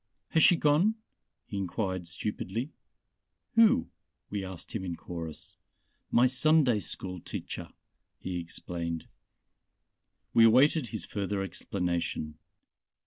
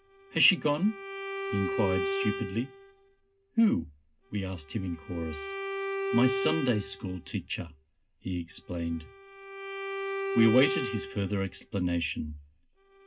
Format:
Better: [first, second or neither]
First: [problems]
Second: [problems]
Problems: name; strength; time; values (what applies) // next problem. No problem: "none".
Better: first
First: none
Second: background sound (Bowed string instrument); 5 dB below the speech // room echo; dies away in 0.2 s